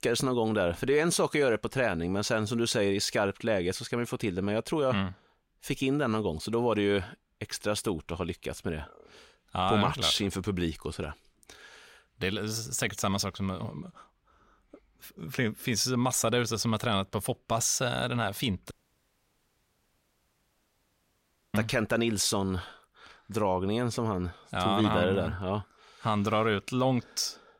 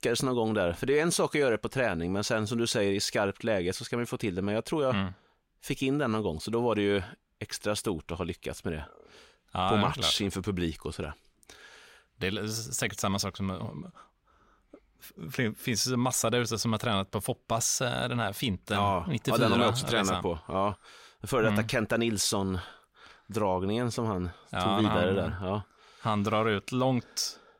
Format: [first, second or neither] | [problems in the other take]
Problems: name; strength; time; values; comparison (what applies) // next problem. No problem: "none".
second | audio cutting out; at 19 s for 3 s